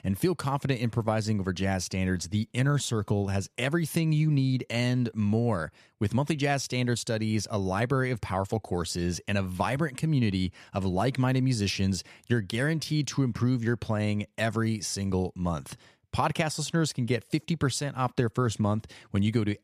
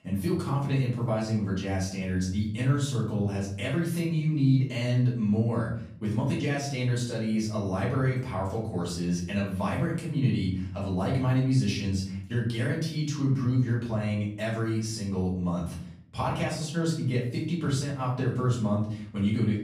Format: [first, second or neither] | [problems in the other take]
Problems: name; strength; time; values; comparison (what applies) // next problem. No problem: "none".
first | off-mic speech; far // room echo; noticeable; dies away in 0.7 s